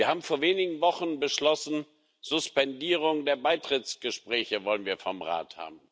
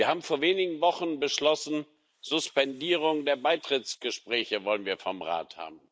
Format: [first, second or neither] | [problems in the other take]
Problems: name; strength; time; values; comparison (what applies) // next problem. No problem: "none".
first | noise reduction (neural mask model Resemble Enhance denoiser)